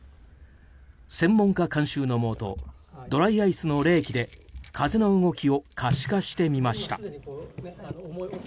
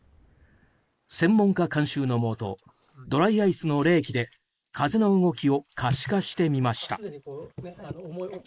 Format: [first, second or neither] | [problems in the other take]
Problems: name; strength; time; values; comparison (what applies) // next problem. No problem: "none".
first | noise reduction (neural mask model Resemble Enhance denoiser)